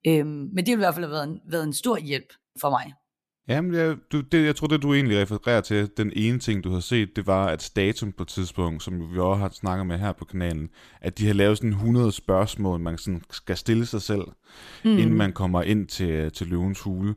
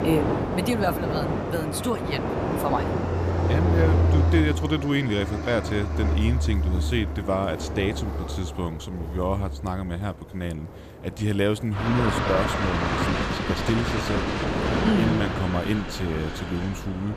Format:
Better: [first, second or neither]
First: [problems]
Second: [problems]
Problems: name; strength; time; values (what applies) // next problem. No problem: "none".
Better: first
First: none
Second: train or aircraft noise; very loud; throughout; 1 dB above the speech